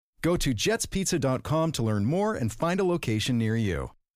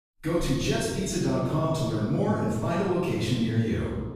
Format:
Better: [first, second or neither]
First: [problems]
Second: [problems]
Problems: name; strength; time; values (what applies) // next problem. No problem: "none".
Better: first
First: none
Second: off-mic speech; far // room echo; strong; dies away in 1.3 s